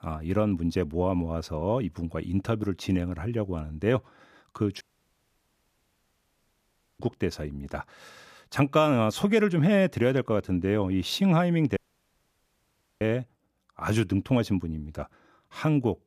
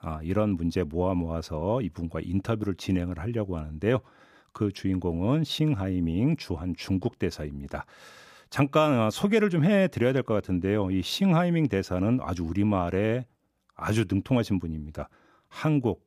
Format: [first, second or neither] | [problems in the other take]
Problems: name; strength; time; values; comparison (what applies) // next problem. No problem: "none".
second | audio cutting out; at 5 s for 2 s and at 12 s for 1 s